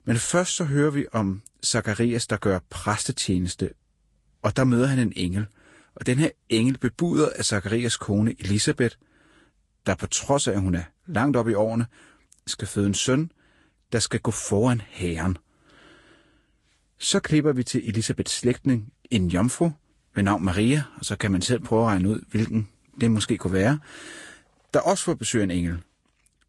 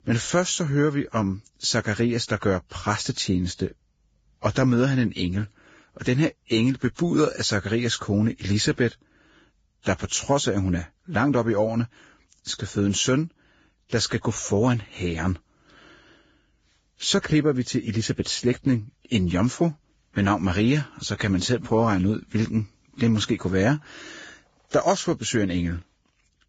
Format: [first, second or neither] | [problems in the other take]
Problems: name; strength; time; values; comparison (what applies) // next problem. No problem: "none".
first | garbled, watery; badly; nothing above 7.5 kHz; slightly in the first